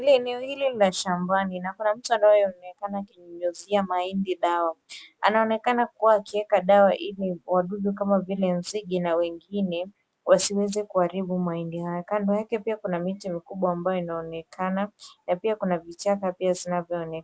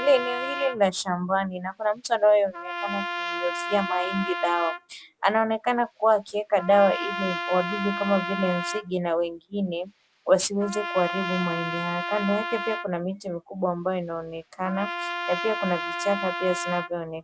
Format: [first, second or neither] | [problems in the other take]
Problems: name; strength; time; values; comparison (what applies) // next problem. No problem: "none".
first | background sound (Trumpet); 7 dB below the speech